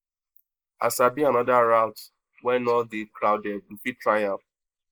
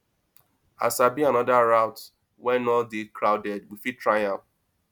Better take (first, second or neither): second